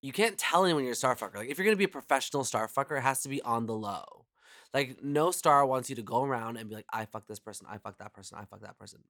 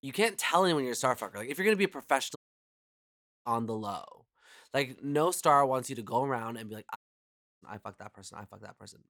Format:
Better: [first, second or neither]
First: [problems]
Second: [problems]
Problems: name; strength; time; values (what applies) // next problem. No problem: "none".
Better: first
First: none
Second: audio cutting out; at 2.5 s for 1 s and at 7 s for 0.5 s